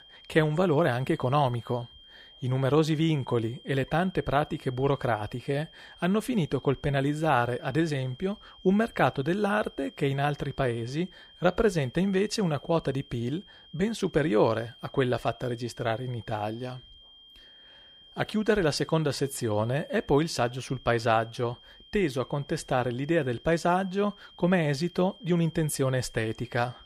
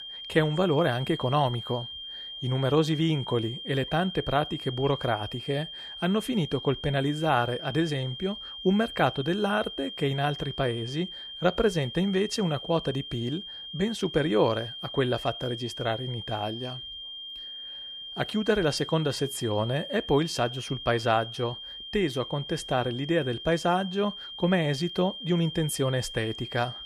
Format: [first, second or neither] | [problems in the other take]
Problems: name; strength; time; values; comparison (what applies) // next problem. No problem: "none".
first | high-pitched whine; loud; throughout; 3 kHz, 9 dB below the speech; faint in the first